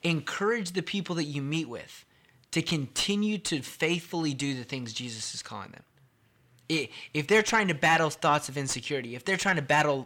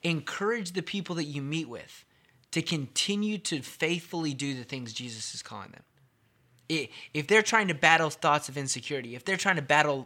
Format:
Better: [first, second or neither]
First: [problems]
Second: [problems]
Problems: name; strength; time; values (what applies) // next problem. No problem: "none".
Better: second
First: distortion; slight; 10 dB below the speech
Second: none